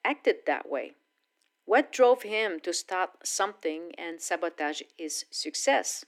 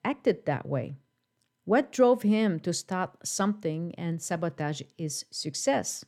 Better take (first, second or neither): second